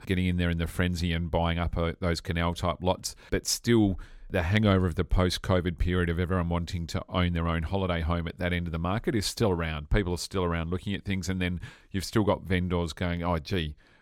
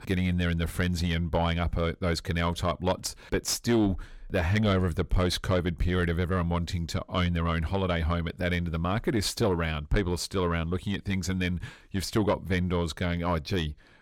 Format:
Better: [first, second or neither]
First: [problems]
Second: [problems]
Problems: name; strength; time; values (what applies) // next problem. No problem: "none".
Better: first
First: none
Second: distortion; slight; 10 dB below the speech